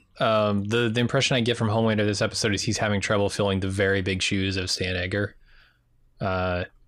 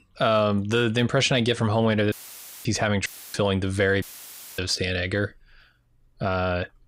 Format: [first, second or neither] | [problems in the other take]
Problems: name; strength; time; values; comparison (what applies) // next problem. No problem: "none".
first | audio cutting out; filled with static; at 2 s for 0.5 s, at 3 s and at 4 s for 0.5 s